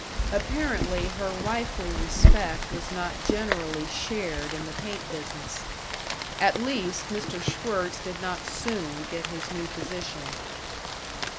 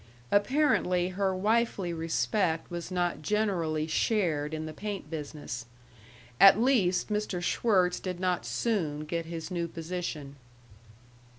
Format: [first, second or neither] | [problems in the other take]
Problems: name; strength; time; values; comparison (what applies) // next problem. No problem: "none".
second | background sound (Rain); 4 dB above the speech